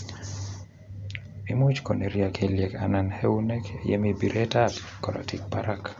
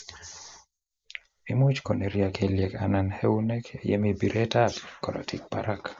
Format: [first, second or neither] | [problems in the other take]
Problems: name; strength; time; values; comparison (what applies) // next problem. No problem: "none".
first | noise reduction (neural mask model Resemble Enhance denoiser)